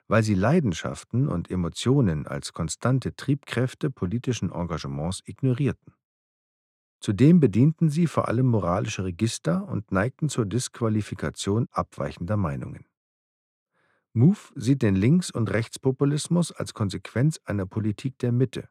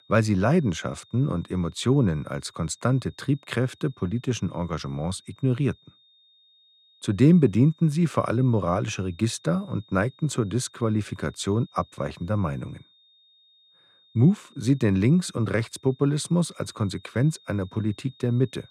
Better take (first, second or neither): first